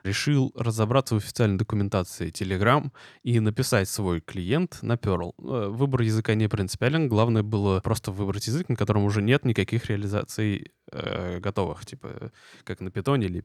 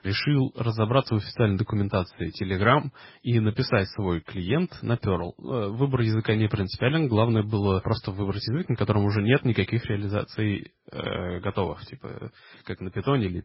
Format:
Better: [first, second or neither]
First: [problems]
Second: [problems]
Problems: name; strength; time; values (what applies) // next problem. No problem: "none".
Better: first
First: none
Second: garbled, watery; badly; nothing above 5.5 kHz